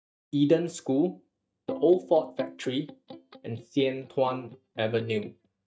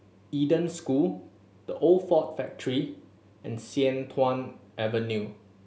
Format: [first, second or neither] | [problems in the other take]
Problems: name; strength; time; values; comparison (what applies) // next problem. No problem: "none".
second | noise reduction (neural mask model DeepFilterNet 3)